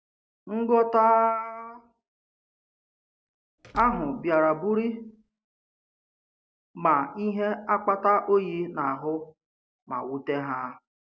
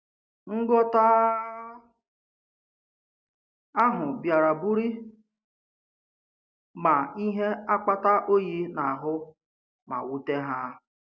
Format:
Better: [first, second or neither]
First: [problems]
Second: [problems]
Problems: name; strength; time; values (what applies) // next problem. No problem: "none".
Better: second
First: background sound (Door / Car); 19 dB below the speech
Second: none